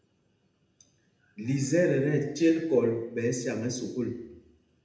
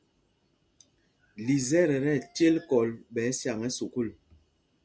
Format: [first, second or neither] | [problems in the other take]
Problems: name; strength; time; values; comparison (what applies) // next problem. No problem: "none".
second | room echo; dies away in 0.8 s